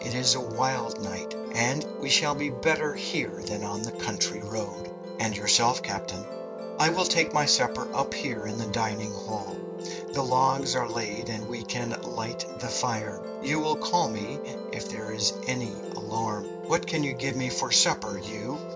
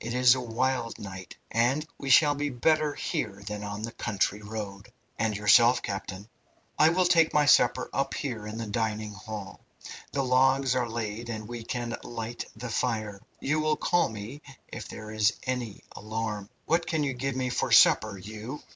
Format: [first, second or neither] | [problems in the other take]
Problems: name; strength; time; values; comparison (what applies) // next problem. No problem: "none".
second | background sound (Musical instrument); 7 dB below the speech